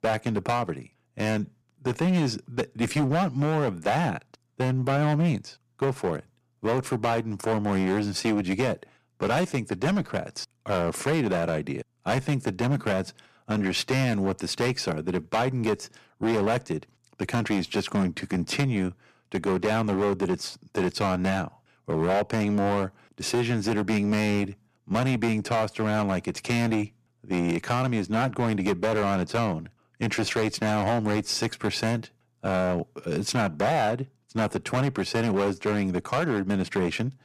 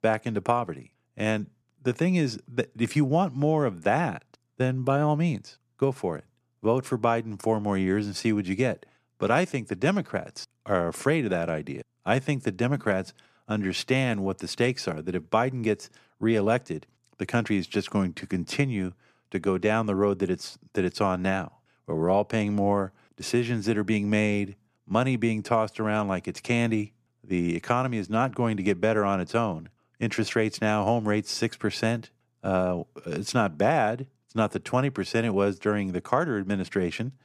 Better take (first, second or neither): second